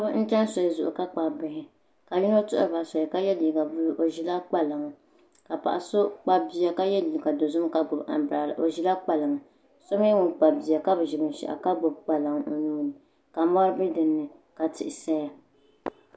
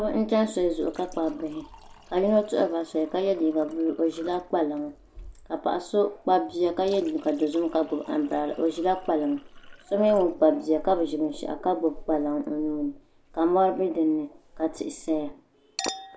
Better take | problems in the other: first | background sound (Chink, clink); 18 dB below the speech

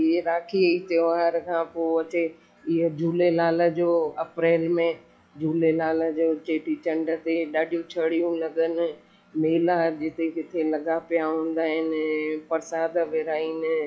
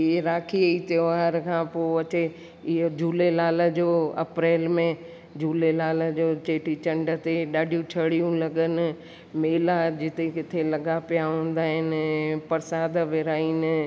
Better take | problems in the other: second | noise reduction (classical method log-MMSE)

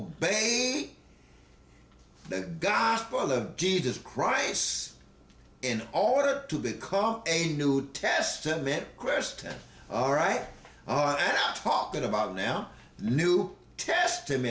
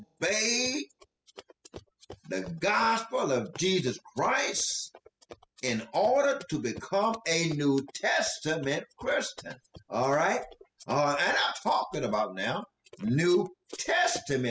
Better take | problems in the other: first | noise reduction (classical method spectral subtraction)

